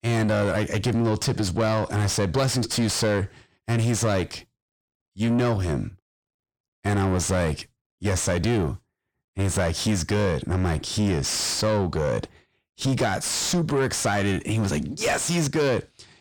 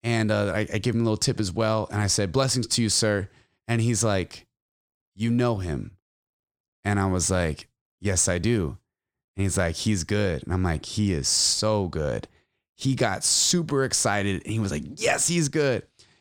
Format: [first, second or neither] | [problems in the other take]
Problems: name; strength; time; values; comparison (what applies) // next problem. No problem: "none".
second | distortion; heavy; 7 dB below the speech